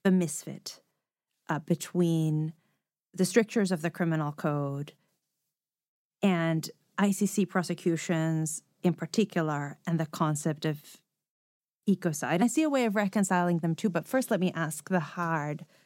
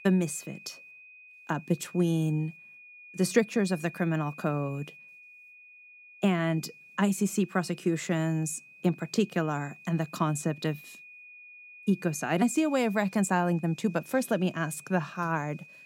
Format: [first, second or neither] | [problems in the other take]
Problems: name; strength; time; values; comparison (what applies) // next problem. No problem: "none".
first | high-pitched whine; noticeable; throughout; 2.5 kHz, 20 dB below the speech